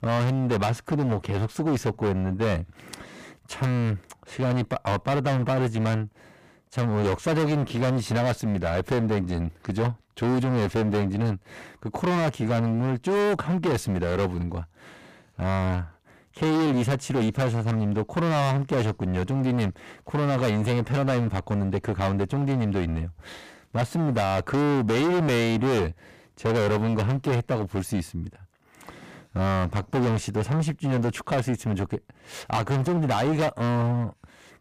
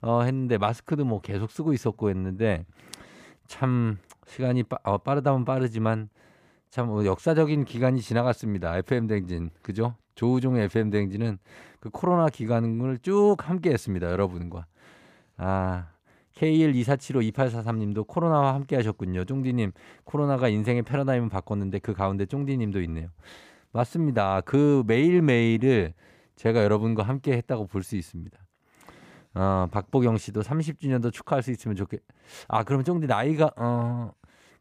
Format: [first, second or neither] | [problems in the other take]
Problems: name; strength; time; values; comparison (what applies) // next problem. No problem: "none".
second | distortion; heavy; 23% of the sound clipped